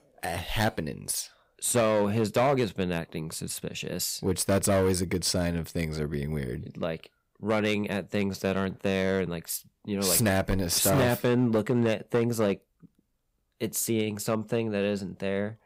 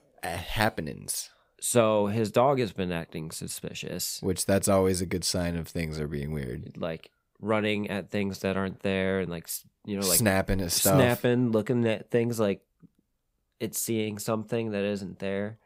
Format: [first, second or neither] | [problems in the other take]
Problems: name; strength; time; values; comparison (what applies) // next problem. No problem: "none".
second | distortion; slight; 5% of the sound clipped